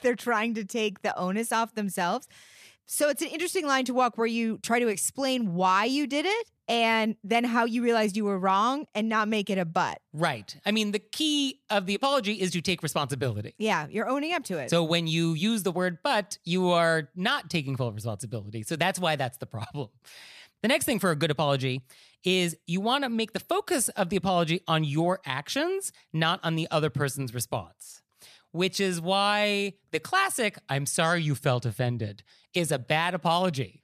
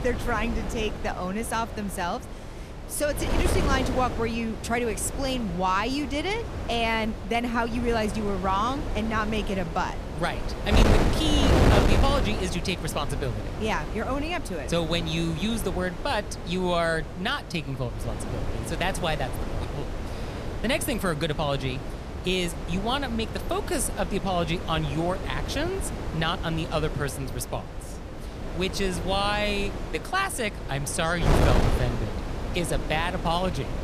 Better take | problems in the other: first | wind noise on the microphone; heavy; 6 dB below the speech

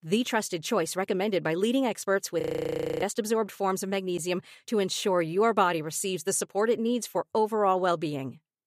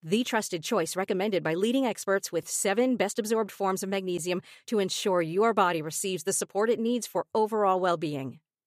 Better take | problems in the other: second | audio freezing; at 2.5 s for 0.5 s

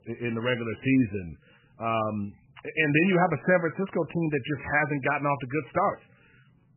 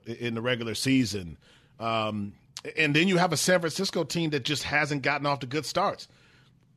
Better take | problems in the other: second | garbled, watery; badly; nothing above 2.5 kHz

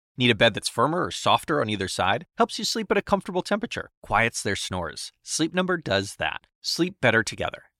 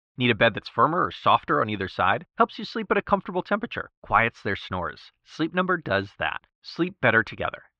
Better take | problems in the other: first | muffled; very; fading above 3.5 kHz

